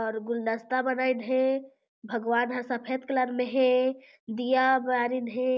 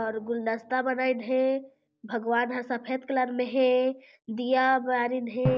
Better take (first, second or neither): first